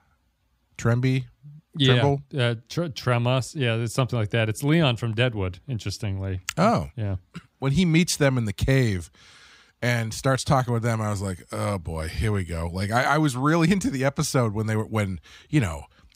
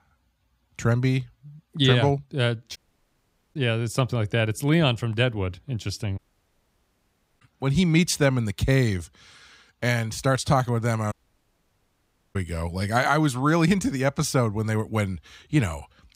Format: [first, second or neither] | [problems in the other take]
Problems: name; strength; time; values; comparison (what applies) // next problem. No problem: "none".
first | audio cutting out; at 3 s for 1 s, at 6 s for 1 s and at 11 s for 1 s